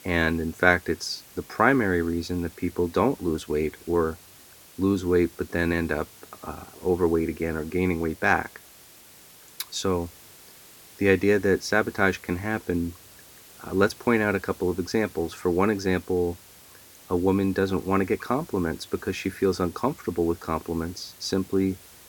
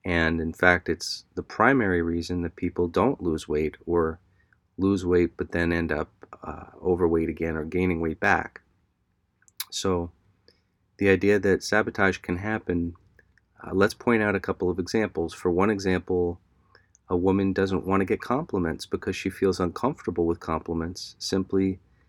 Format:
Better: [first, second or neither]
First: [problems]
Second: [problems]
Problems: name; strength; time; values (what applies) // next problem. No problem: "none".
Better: second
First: hiss; faint; throughout; 20 dB below the speech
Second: none